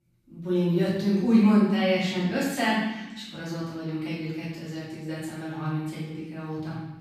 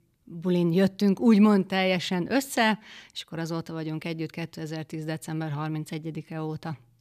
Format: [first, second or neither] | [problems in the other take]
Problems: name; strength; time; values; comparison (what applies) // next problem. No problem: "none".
second | room echo; strong; dies away in 0.9 s // off-mic speech; far